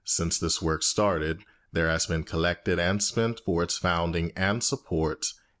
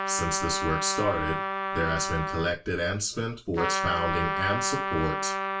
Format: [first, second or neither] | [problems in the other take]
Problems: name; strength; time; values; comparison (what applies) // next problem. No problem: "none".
first | background sound (Trumpet); 1 dB below the speech // room echo; dies away in 0.2 s